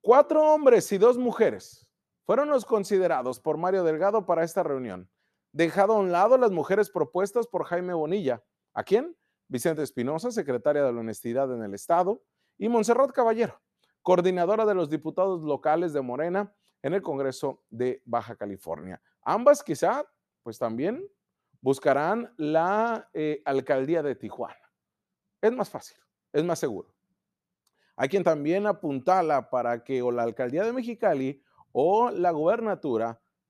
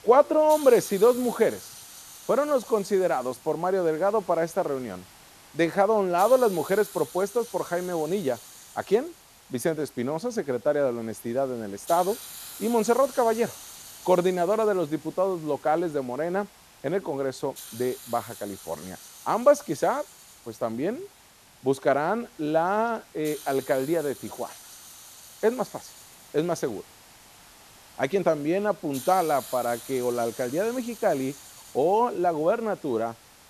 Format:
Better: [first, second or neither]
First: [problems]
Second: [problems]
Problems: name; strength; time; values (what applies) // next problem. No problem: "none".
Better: first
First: none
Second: hiss; noticeable; throughout; 20 dB below the speech